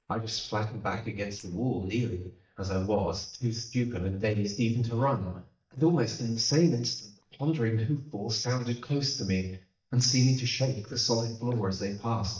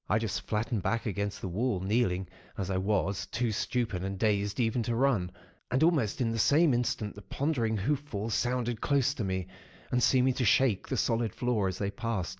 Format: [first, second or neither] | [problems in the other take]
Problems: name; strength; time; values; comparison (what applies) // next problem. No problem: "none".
second | noise reduction (neural mask model DeepFilterNet 3)